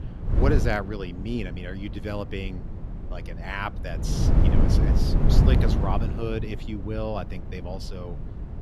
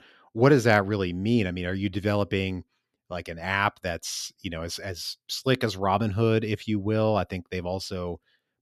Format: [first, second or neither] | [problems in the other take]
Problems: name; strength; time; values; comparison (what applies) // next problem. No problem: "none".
second | wind noise on the microphone; heavy; 4 dB below the speech